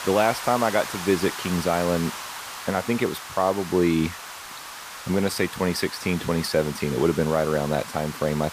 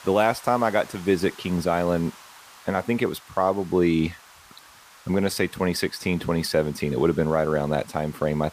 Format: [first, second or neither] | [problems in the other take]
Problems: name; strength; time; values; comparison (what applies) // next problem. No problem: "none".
second | hiss; loud; throughout; 10 dB below the speech; faint in the second